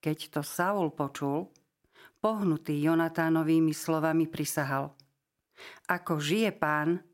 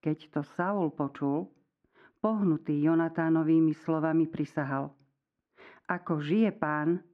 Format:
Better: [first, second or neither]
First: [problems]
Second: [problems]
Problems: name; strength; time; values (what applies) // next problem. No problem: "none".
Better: first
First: none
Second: muffled; very; fading above 2 kHz